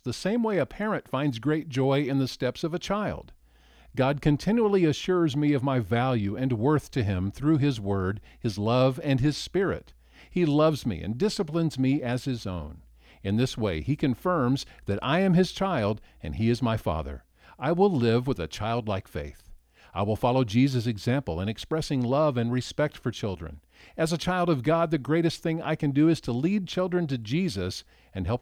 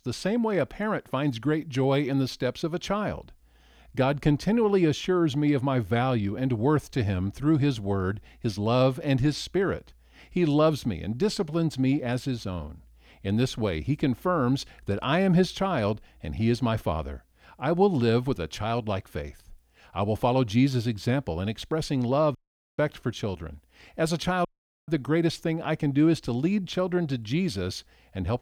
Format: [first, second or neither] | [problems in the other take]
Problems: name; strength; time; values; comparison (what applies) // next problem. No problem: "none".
first | audio cutting out; at 22 s and at 24 s